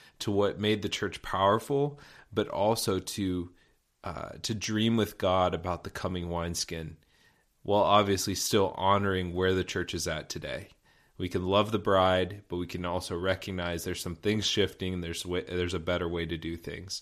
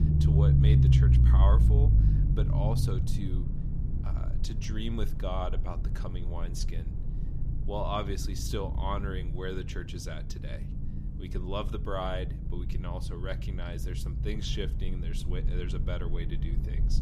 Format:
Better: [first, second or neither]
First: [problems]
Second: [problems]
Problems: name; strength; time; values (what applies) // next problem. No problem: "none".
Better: first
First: none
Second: low rumble; loud; throughout; 4 dB below the speech